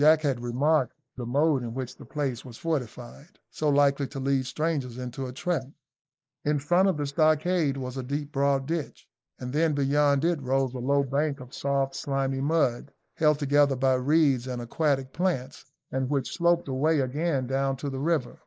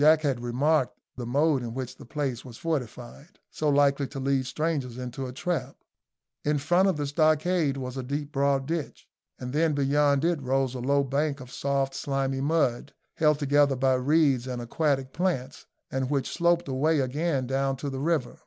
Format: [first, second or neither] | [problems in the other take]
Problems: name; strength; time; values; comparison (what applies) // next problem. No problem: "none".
second | noise reduction (neural mask model Resemble Enhance denoiser)